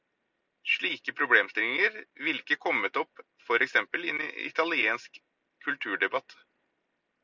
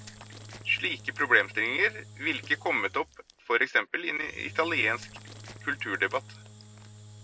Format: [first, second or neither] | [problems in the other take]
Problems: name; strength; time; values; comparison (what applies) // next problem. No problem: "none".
first | background sound (Engine / Drill); 17 dB below the speech